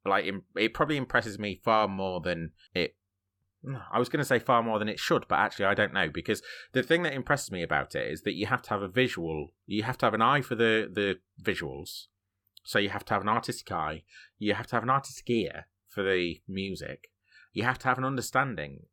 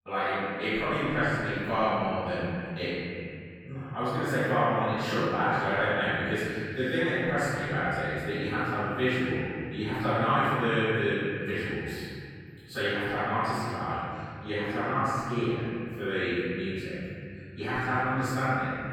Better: first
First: none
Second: off-mic speech; far // room echo; strong; dies away in 2.9 s

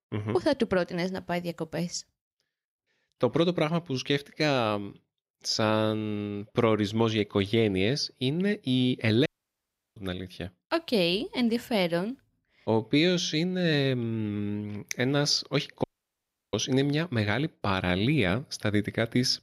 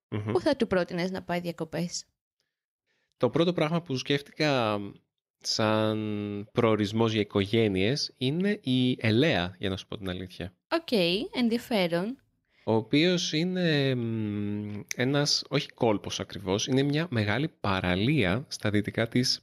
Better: second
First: audio cutting out; at 9.5 s for 0.5 s and at 16 s for 0.5 s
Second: none

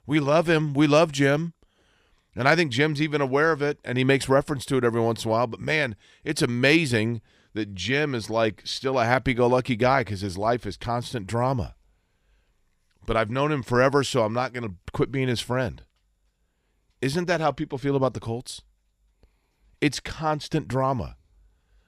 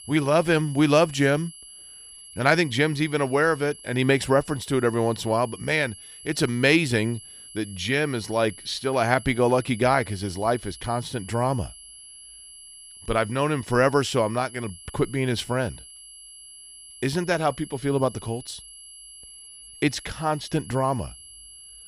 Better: first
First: none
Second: high-pitched whine; noticeable; throughout; 11 kHz, 20 dB below the speech

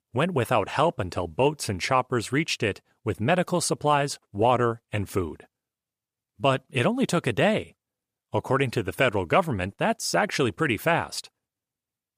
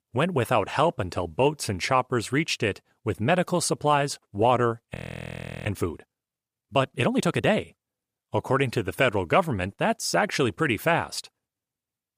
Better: first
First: none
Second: audio freezing; at 5 s for 0.5 s

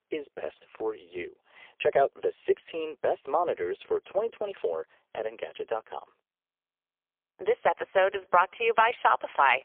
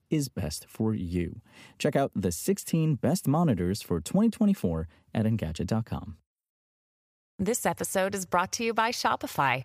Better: second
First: phone-call audio; poor line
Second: none

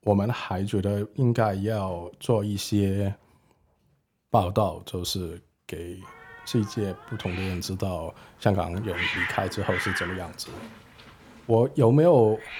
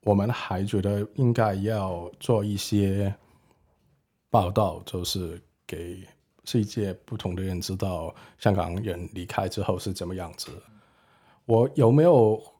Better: second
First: hiss; loud; from 6 s on; 6 dB below the speech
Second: none

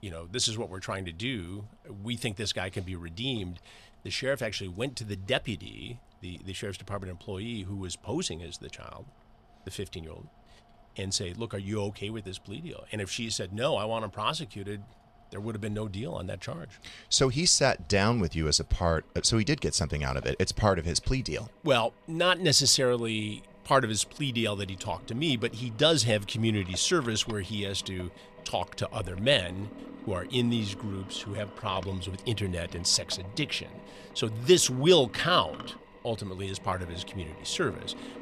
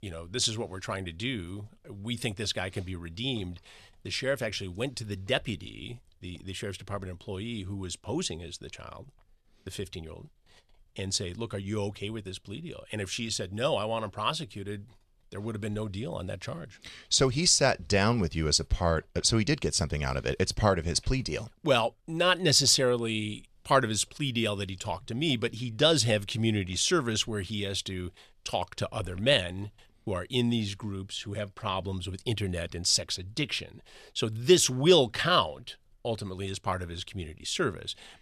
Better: second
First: machinery noise; faint; throughout; 20 dB below the speech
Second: none

